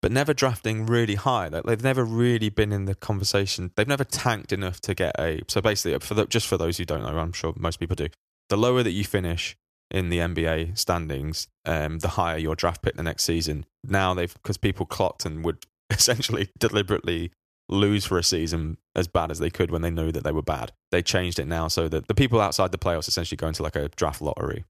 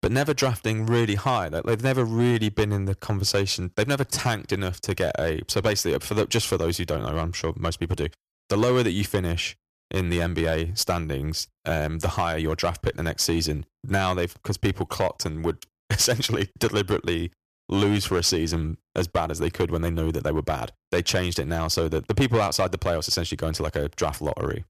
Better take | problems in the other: first | distortion; slight; 4% of the sound clipped

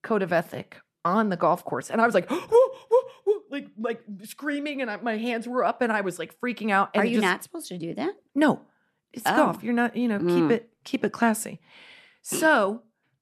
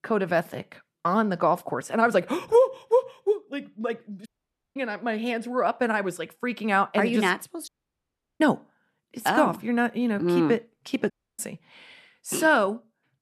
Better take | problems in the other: first | audio cutting out; at 4.5 s, at 7.5 s for 0.5 s and at 11 s

